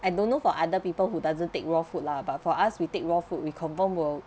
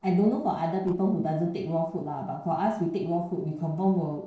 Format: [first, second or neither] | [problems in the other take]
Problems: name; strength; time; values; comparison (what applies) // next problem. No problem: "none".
first | noise reduction (neural separator model SepFormer DNS4)